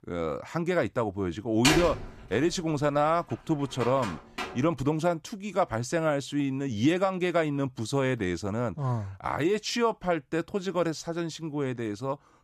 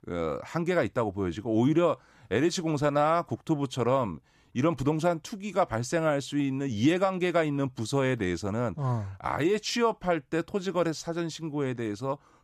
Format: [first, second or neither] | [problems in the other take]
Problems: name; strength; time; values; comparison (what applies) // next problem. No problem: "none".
second | door banging; loud; from 1.5 to 4.5 s; peak 4 dB above the speech